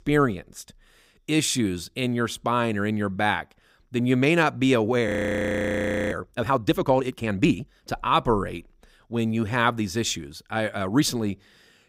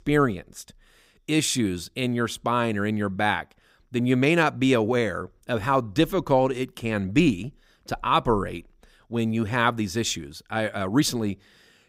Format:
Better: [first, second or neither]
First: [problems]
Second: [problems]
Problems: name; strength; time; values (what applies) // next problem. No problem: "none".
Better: second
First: audio freezing; at 5 s for 1 s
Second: none